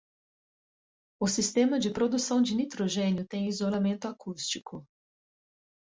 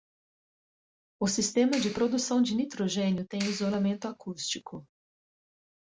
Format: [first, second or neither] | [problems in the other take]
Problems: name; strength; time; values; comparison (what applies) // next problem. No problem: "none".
first | background sound (Clapping); 15 dB below the speech